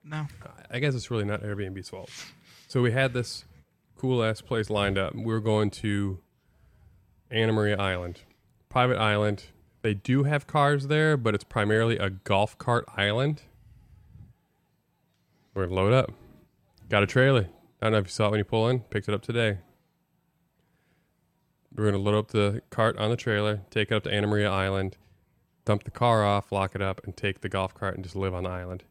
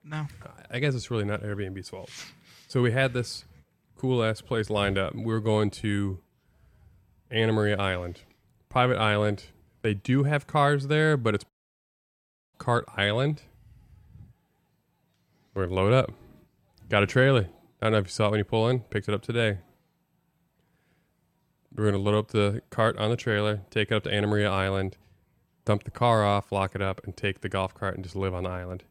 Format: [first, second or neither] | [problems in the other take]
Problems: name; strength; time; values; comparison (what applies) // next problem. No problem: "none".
first | audio cutting out; at 12 s for 1 s